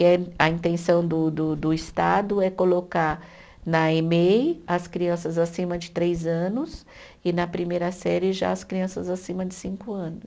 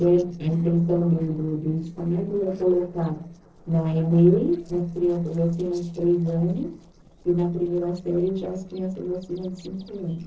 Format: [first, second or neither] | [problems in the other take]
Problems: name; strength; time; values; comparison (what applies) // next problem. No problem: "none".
first | noise reduction (neural separator model SepFormer DNS4)